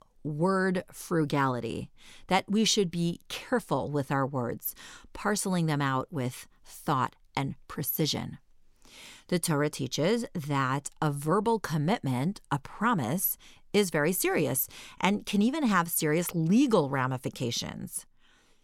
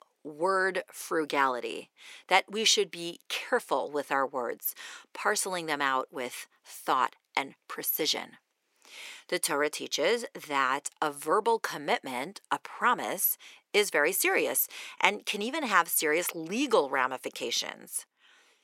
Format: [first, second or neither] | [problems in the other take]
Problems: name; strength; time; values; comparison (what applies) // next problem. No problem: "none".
first | thin; very; fading below 400 Hz